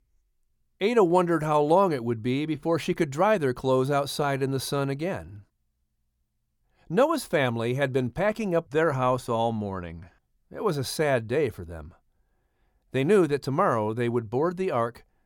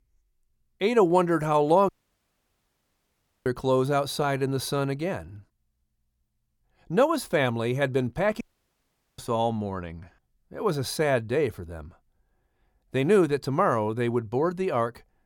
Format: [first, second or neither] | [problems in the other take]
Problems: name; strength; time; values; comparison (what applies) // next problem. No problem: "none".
first | audio cutting out; at 2 s for 1.5 s and at 8.5 s for 1 s